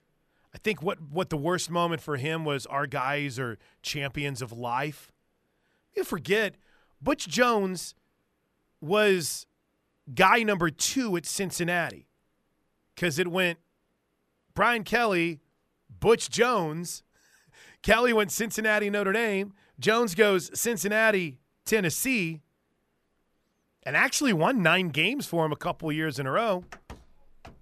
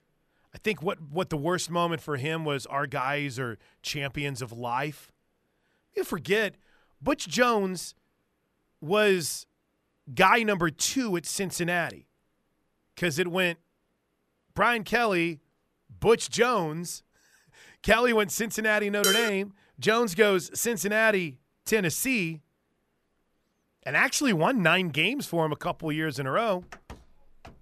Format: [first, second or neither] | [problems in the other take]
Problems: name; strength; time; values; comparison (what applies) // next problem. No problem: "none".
first | clattering dishes; loud; at 19 s; peak 2 dB above the speech